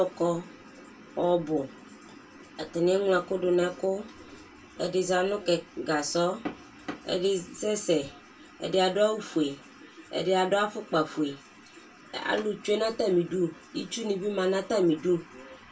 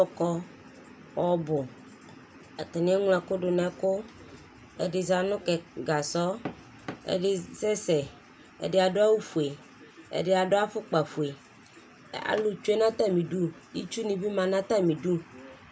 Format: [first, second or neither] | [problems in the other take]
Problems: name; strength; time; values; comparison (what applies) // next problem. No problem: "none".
second | room echo; dies away in 0.2 s